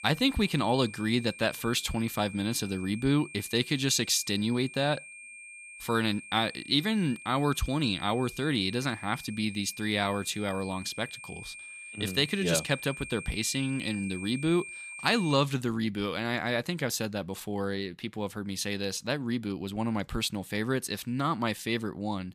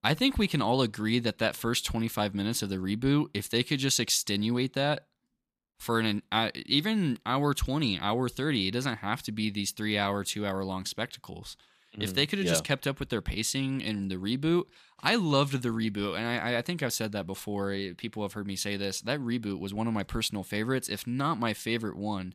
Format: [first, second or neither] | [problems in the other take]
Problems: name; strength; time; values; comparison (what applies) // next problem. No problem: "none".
second | high-pitched whine; noticeable; until 15 s; 2.5 kHz, 15 dB below the speech